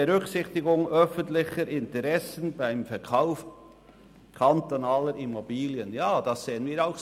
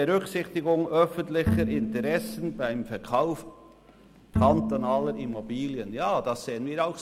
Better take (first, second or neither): first